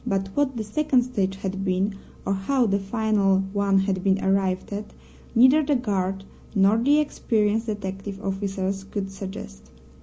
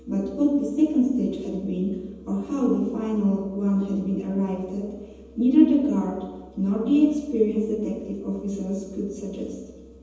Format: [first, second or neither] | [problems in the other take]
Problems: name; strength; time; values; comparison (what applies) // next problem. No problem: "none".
first | room echo; dies away in 1.1 s